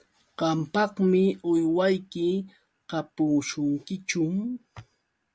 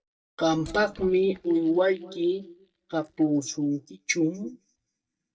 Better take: first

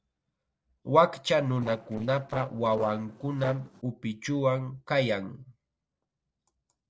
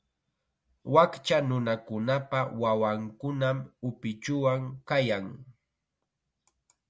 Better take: second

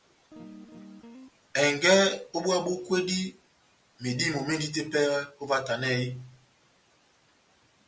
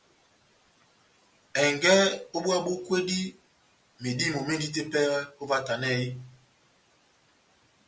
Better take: second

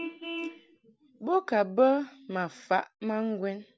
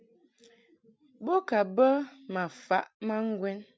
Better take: second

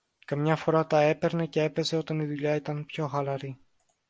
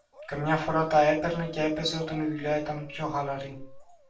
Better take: first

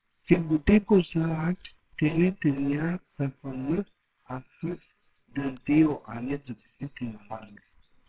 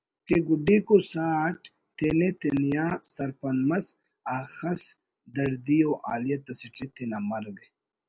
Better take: second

